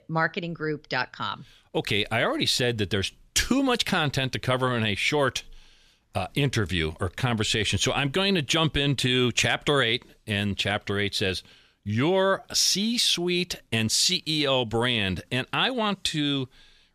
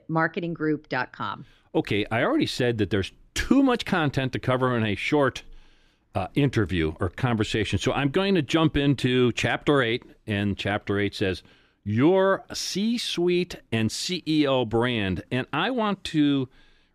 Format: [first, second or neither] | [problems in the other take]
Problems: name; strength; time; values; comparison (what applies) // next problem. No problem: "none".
first | muffled; slightly; fading above 2.5 kHz